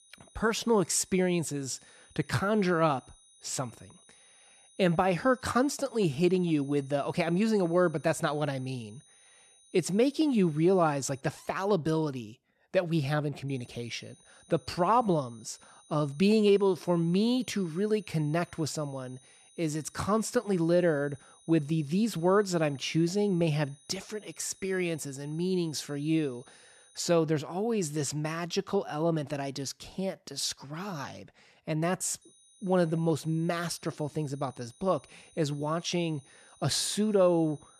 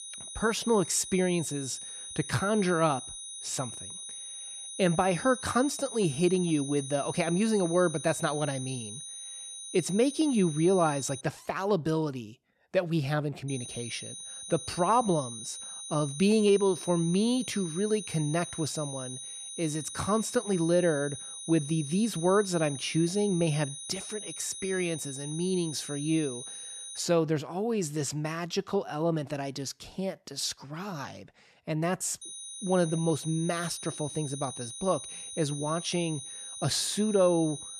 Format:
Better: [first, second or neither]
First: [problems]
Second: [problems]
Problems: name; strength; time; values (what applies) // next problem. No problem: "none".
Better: first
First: high-pitched whine; faint; until 11 s, from 13 to 27 s and from 32 s on; 9.5 kHz, 30 dB below the speech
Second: high-pitched whine; loud; until 11 s, from 13 to 27 s and from 32 s on; 9.5 kHz, 9 dB below the speech